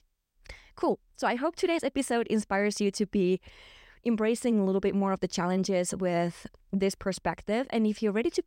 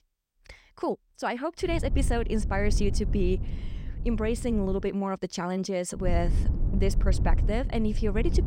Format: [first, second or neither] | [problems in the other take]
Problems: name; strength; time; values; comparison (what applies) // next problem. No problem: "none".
first | low rumble; noticeable; from 1.5 to 5 s and from 6 s on; 15 dB below the speech